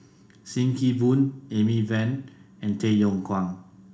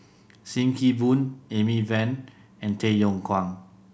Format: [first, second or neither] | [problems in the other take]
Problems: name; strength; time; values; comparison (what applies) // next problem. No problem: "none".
second | room echo; dies away in 0.4 s